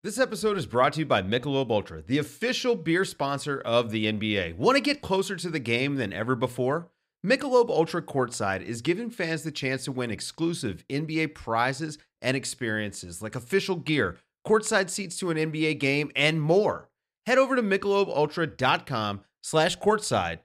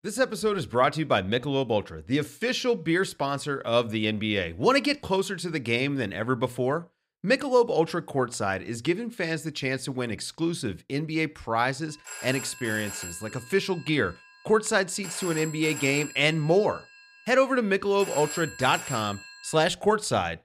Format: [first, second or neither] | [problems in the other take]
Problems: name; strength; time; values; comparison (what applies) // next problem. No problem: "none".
first | phone ringing; noticeable; from 12 to 20 s; peak 7 dB below the speech